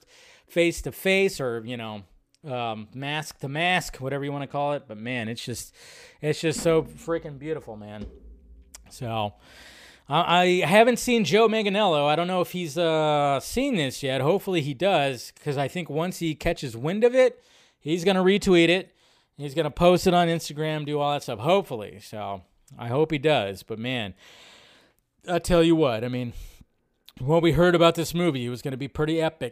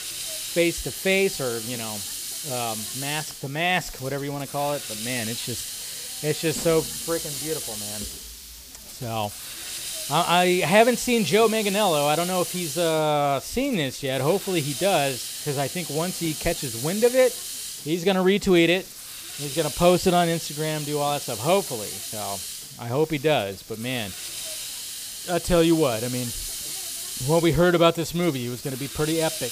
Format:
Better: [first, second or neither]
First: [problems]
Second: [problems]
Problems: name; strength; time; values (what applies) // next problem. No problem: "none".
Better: first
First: none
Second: hiss; loud; throughout; 8 dB below the speech